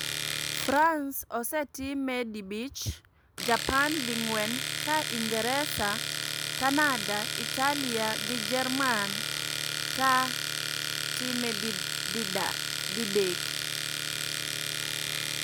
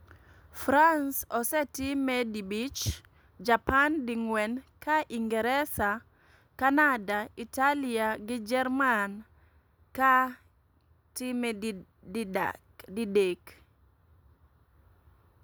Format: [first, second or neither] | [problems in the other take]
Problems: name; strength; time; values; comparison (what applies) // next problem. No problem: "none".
second | background sound (Domestic sounds, home sounds); 1 dB below the speech